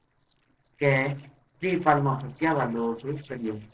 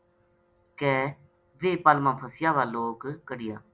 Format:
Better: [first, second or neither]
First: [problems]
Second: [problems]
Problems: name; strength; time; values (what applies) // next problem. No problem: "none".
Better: second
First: noise reduction (neural separator model SepFormer DNS4)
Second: none